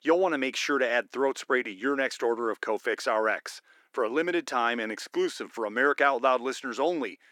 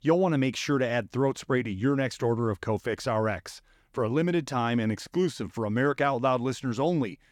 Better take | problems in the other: second | thin; somewhat; fading below 300 Hz

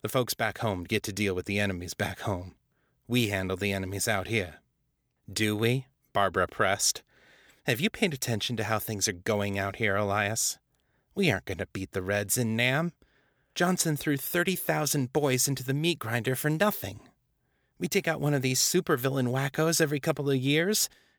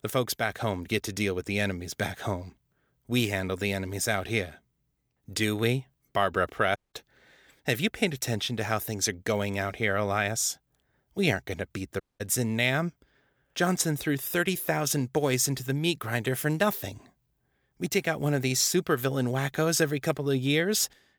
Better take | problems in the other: first | audio cutting out; at 7 s and at 12 s

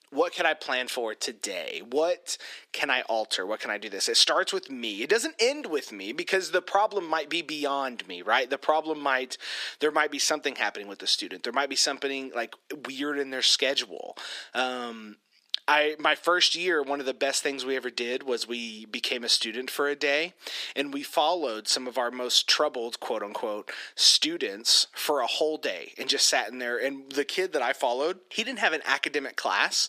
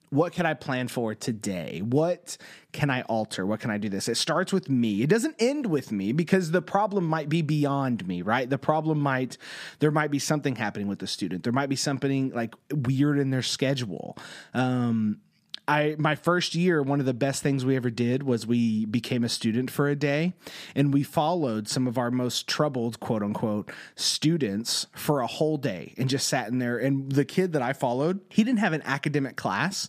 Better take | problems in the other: second | thin; very; fading below 350 Hz

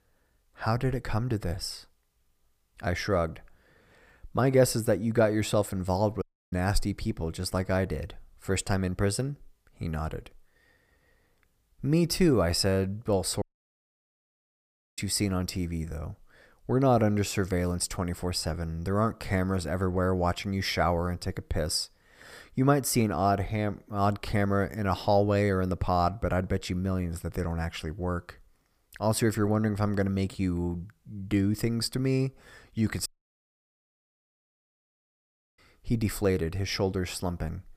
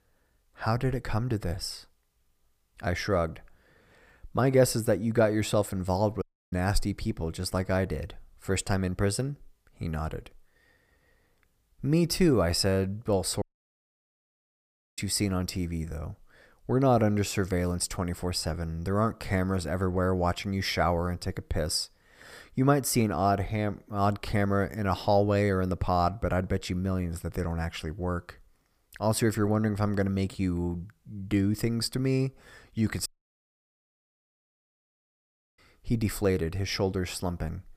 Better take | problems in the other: neither | audio cutting out; at 6 s, at 13 s for 1.5 s and at 33 s for 2.5 s; the same in both

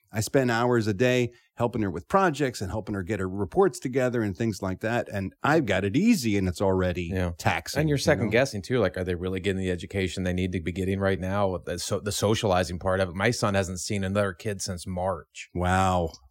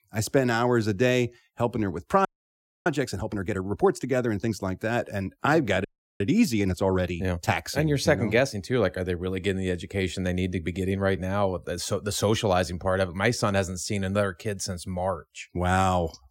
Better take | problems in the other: first | audio freezing; at 2.5 s for 0.5 s and at 6 s

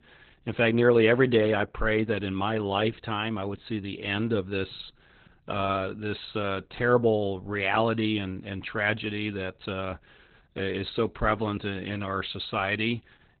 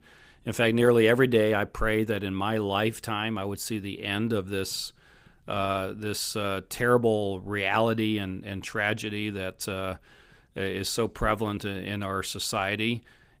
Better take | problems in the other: second | garbled, watery; badly; nothing above 4 kHz; slightly in the second

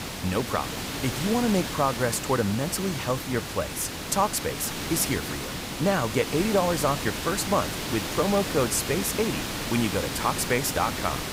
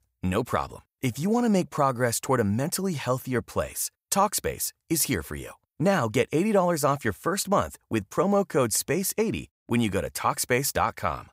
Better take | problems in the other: second | hiss; loud; throughout; 4 dB below the speech

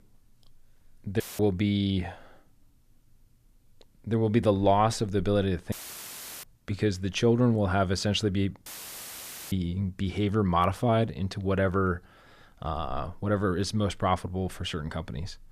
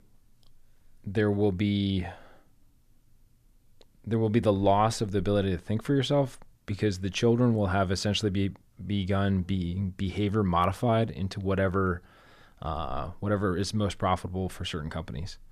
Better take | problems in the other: second | audio cutting out; filled with static; at 1 s, at 5.5 s for 0.5 s and at 8.5 s for 1 s

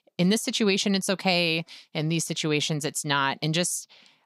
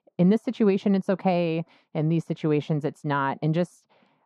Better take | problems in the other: first | muffled; very; fading above 2.5 kHz

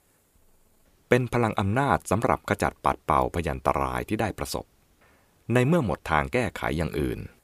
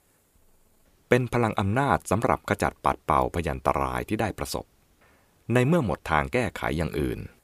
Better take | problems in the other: neither | none

